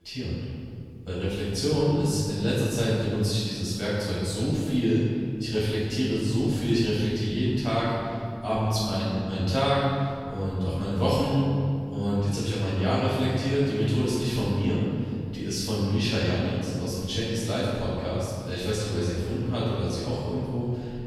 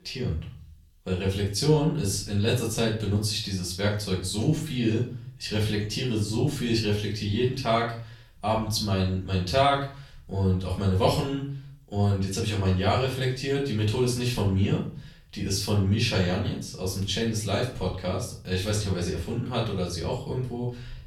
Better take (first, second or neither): second